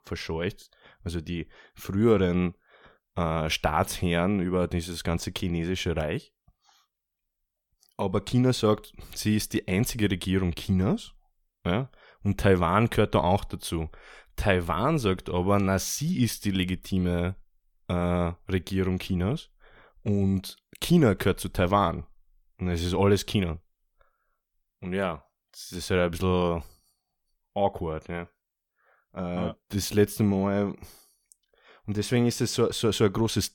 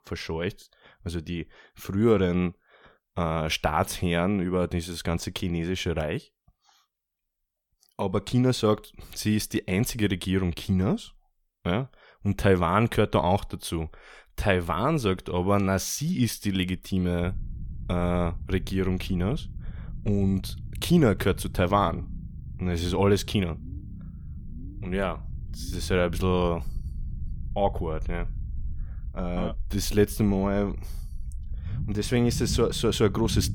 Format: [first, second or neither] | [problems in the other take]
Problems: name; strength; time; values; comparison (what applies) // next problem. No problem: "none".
first | low rumble; faint; from 17 s on; 25 dB below the speech